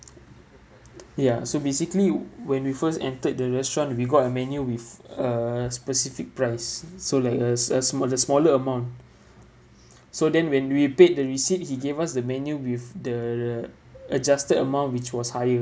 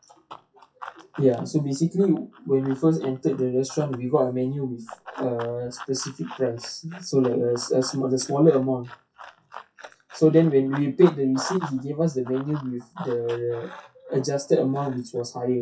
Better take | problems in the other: first | noise reduction (classical method WPE with log-MMSE)

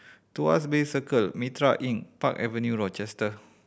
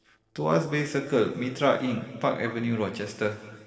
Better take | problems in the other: first | noise reduction (neural separator model SepFormer DNS4)

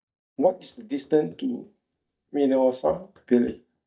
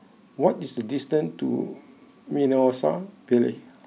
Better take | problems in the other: second | noise reduction (neural mask model DeepFilterNet 3)

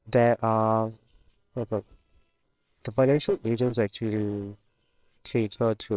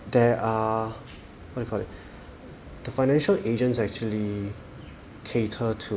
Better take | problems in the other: second | noise reduction (neural separator model SepFormer WHAMR!)

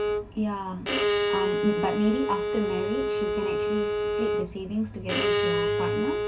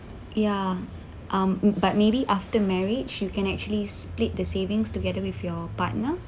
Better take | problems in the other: second | background sound (Bowed string instrument); 3 dB above the speech // room echo; dies away in 0.2 s

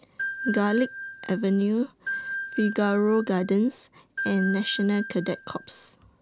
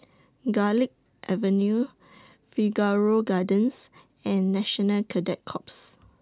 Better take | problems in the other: second | background sound (Ringtone / Bell); 9 dB below the speech

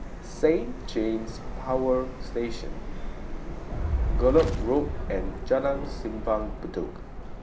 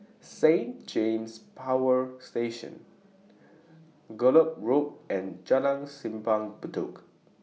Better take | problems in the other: second | background sound (Fire + Subway, metro, underground); 3 dB below the speech

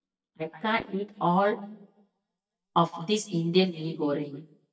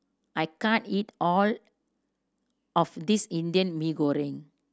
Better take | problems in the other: second | noise reduction (neural mask model DeepFilterNet 3)

